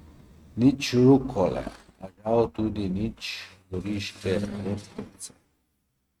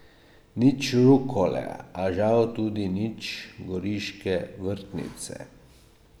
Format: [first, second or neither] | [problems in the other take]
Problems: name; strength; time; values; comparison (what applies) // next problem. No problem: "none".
second | noise reduction (neural mask model RNNoise)